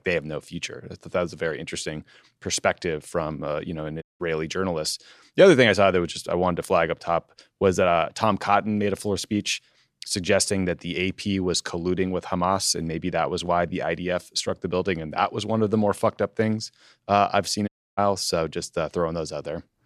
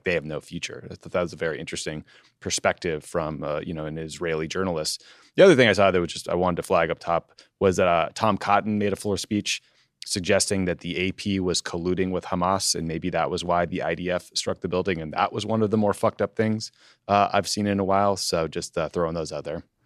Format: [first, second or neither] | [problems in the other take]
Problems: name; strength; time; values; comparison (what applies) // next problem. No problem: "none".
second | audio cutting out; at 4 s and at 18 s